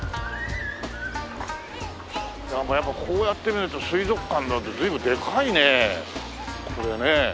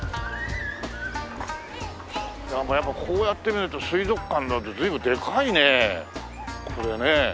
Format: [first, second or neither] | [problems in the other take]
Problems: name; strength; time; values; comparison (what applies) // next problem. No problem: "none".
second | background sound (Aircraft); 16 dB below the speech